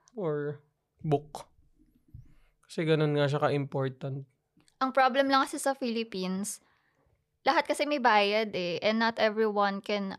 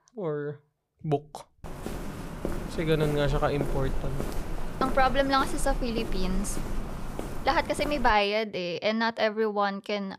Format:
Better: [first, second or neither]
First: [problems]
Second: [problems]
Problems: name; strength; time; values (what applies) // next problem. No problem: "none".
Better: first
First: none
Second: footsteps; noticeable; from 1.5 to 8 s; peak 6 dB below the speech